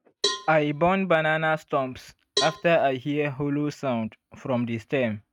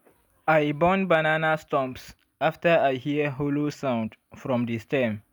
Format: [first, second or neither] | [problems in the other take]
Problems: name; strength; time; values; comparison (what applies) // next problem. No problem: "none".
second | noise reduction (neural mask model RNNoise)